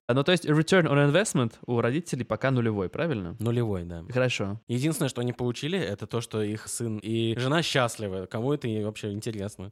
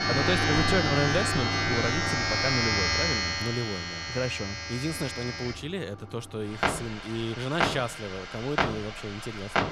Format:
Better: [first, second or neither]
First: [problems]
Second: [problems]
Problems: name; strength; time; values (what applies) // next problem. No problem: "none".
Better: first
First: none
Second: household noises; very loud; throughout; 5 dB above the speech